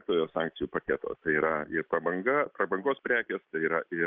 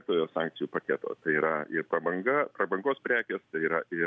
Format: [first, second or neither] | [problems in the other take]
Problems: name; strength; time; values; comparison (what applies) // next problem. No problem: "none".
second | noise reduction (neural mask model Resemble Enhance denoiser)